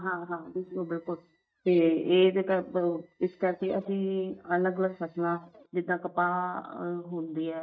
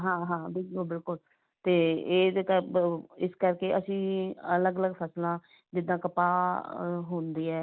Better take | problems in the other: second | noise reduction (neural mask model DeepFilterNet 3)

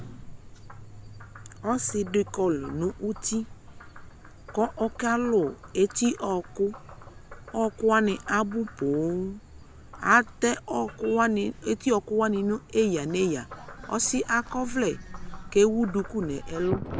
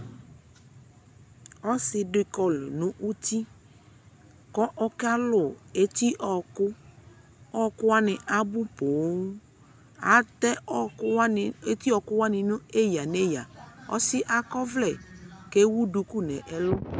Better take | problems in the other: second | background sound (Frog); 16 dB below the speech

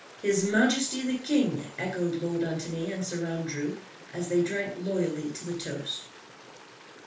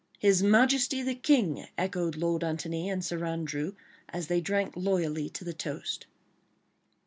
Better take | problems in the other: second | background sound (Stream); 19 dB below the speech // room echo; dies away in 0.3 s

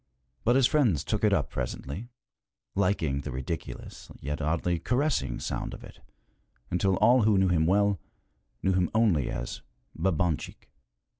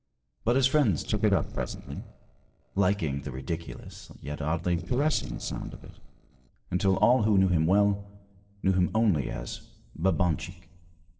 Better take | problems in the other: first | noise reduction (neural separator model SepFormer DNS4)

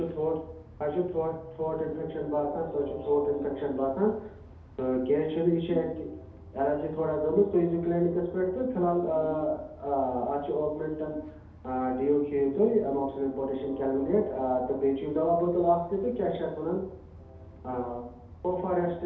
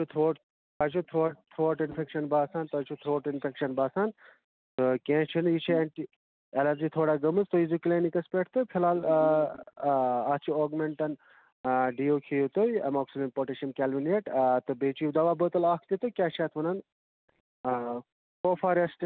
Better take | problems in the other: second | background sound (Train); 17 dB below the speech // room echo; dies away in 2.2 s

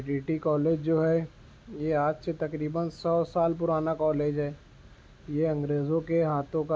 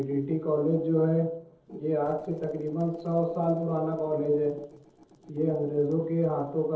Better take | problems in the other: first | noise reduction (neural separator model SepFormer DNS4)

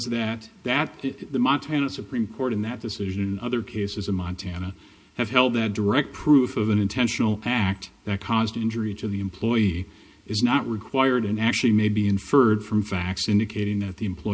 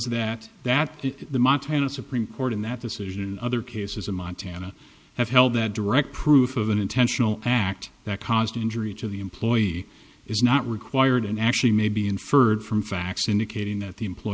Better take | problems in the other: second | room echo; dies away in 0.3 s

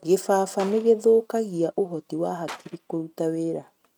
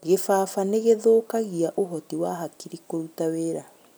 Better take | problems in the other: second | noise reduction (neural mask model RNNoise)

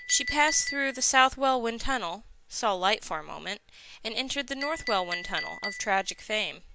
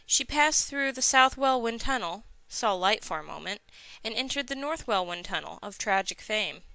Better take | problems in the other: second | background sound (Chink, clink); 12 dB below the speech

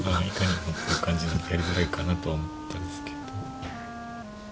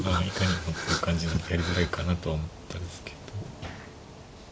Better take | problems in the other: second | background sound (Wind instrument, woodwind instrument); 10 dB below the speech

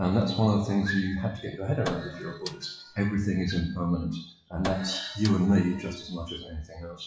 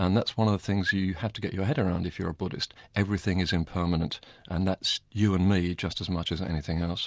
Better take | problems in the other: second | noise reduction (classical method WPE with log-MMSE)

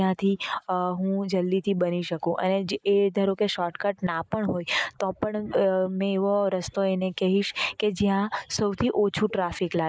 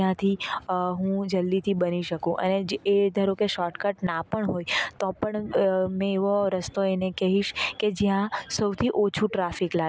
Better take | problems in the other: second | noise reduction (neural mask model Resemble Enhance denoiser)

